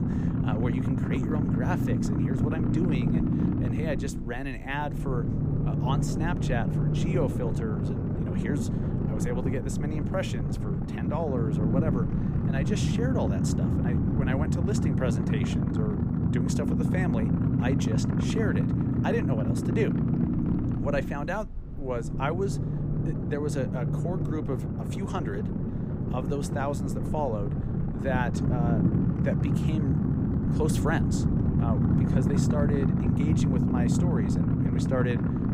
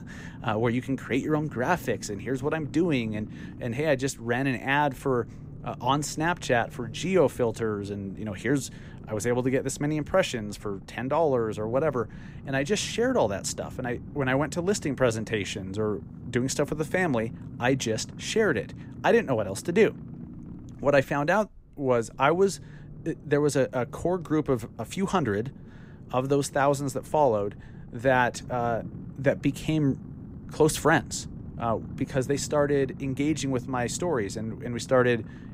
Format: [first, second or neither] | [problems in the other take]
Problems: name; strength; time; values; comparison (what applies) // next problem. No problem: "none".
second | low rumble; loud; throughout; as loud as the speech; faint in the second